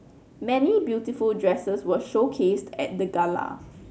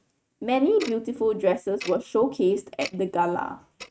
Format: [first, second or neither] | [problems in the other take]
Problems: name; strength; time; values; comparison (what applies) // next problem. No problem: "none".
first | noise reduction (neural mask model RNNoise)